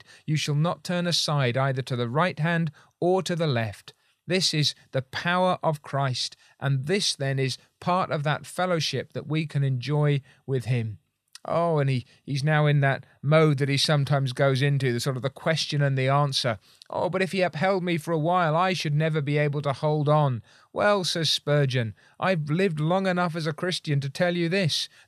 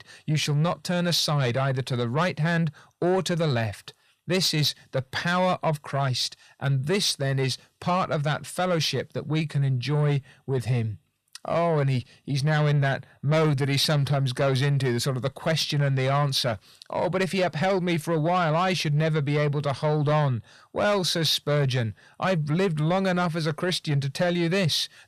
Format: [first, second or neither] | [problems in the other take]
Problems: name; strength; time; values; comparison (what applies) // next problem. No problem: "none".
first | distortion; slight; 10 dB below the speech